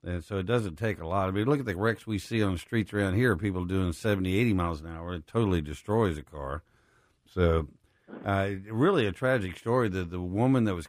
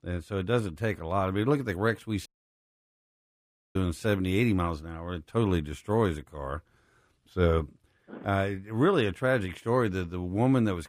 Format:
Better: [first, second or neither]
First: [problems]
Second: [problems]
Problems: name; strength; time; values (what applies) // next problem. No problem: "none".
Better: first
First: none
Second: audio cutting out; at 2.5 s for 1.5 s